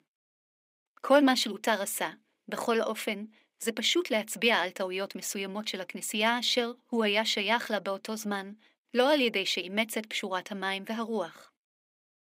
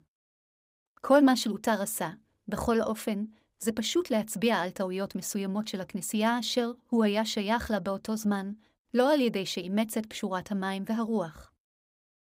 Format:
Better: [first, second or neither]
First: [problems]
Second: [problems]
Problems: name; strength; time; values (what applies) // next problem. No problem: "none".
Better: second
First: thin; very slightly; fading below 250 Hz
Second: none